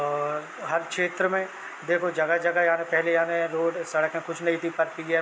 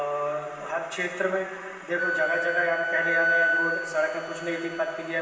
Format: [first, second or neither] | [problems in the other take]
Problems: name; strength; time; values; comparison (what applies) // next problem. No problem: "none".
first | background sound (Wind instrument, woodwind instrument); 2 dB below the speech // room echo; dies away in 1.6 s